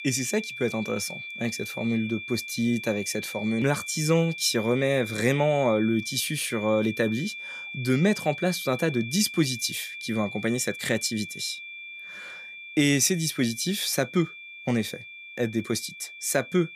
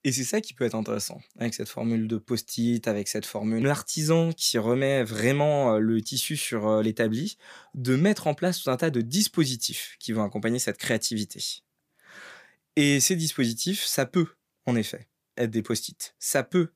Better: second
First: high-pitched whine; loud; throughout; 2.5 kHz, 10 dB below the speech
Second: none

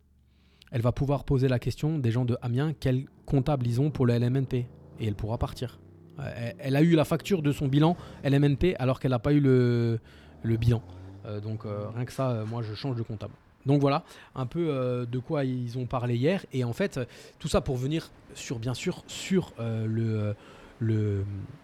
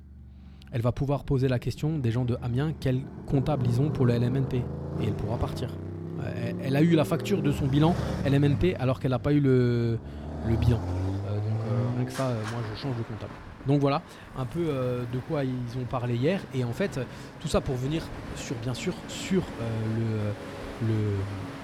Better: first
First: traffic noise; faint; throughout; 25 dB below the speech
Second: traffic noise; loud; throughout; 8 dB below the speech

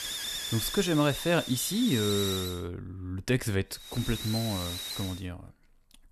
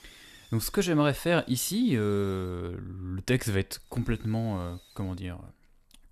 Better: second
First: hiss; loud; until 2.5 s and from 4 to 5 s; 4 dB below the speech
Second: hiss; faint; until 2.5 s and from 4 to 5 s; 25 dB below the speech

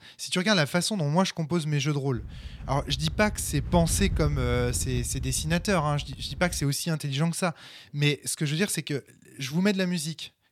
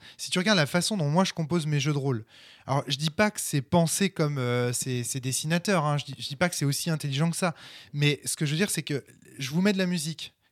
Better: second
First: wind noise on the microphone; occasional gusts; from 2 to 6.5 s; 20 dB below the speech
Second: none

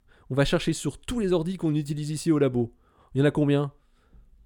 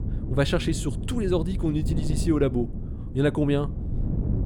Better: first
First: none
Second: wind noise on the microphone; occasional gusts; 10 dB below the speech

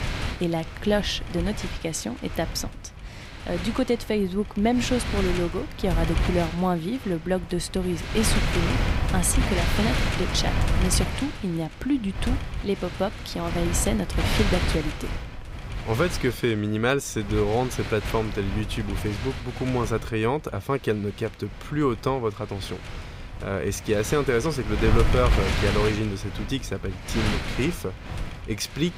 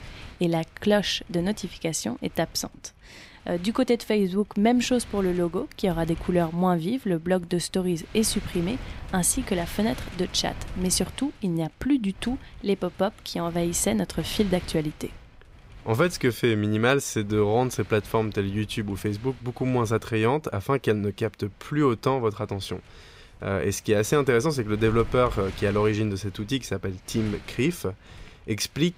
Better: second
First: wind noise on the microphone; heavy; 4 dB below the speech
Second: wind noise on the microphone; occasional gusts; 20 dB below the speech

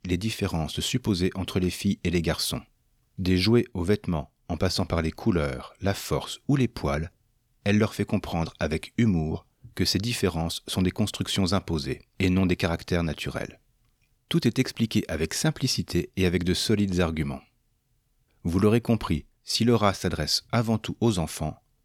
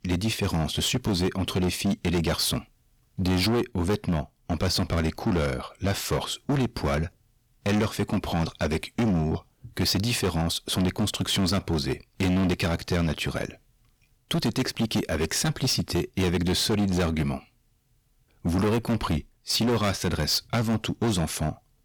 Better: first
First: none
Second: distortion; heavy; 16% of the sound clipped

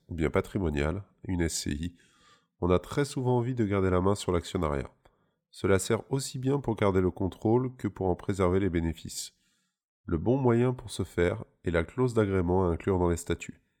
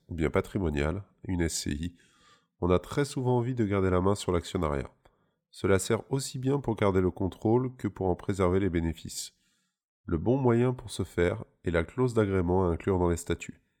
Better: neither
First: none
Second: none

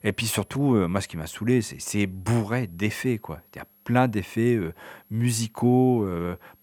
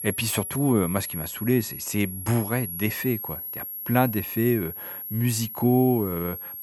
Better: first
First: high-pitched whine; faint; throughout; 11.5 kHz, 30 dB below the speech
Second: high-pitched whine; loud; throughout; 11.5 kHz, 7 dB below the speech

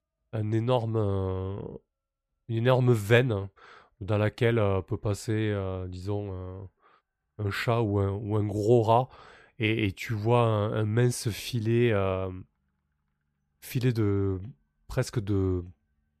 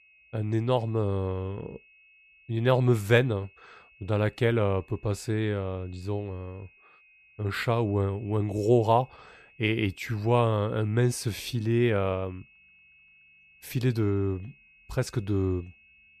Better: first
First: none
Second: high-pitched whine; faint; throughout; 2.5 kHz, 30 dB below the speech

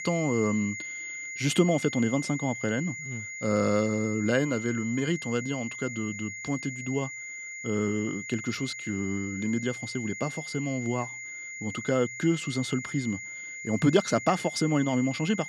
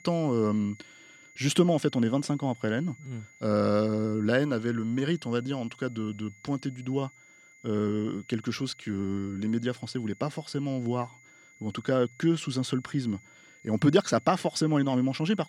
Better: second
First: high-pitched whine; loud; throughout; 2 kHz, 8 dB below the speech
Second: high-pitched whine; faint; throughout; 2 kHz, 25 dB below the speech

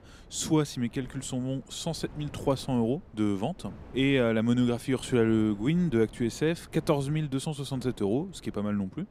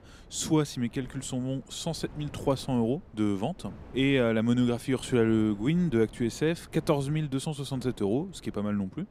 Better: neither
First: wind noise on the microphone; occasional gusts; 25 dB below the speech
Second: wind noise on the microphone; occasional gusts; 25 dB below the speech

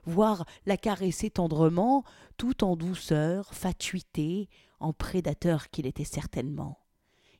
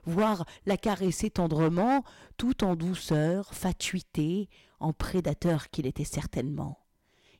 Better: first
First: none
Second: distortion; slight; 4% of the sound clipped

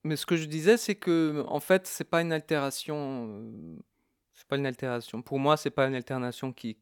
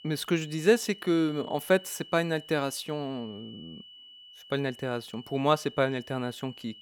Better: first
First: none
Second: high-pitched whine; noticeable; throughout; 3 kHz, 20 dB below the speech

